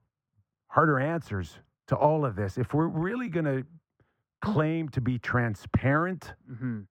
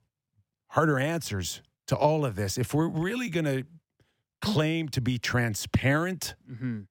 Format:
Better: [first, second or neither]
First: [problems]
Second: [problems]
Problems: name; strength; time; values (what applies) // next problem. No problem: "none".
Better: second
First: muffled; very; fading above 2.5 kHz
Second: none